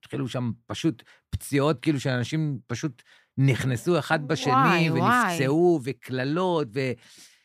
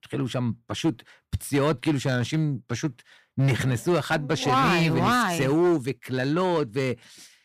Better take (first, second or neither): first